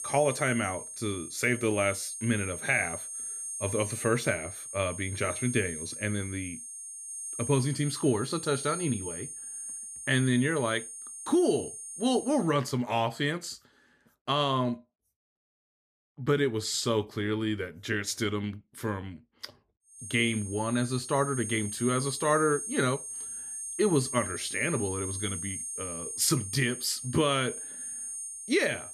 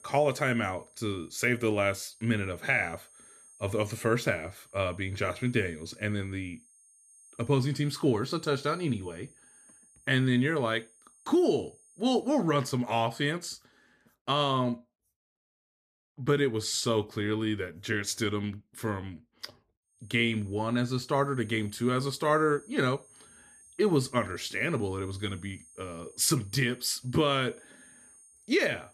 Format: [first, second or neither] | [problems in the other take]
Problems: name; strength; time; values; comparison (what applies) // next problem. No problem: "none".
second | high-pitched whine; loud; until 12 s and from 20 s on; 8.5 kHz, 7 dB below the speech; faint in the second